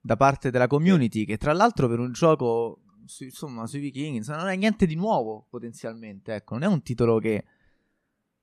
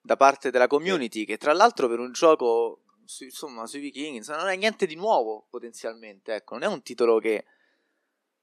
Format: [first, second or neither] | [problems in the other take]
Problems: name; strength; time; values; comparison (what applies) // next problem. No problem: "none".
first | thin; somewhat; fading below 300 Hz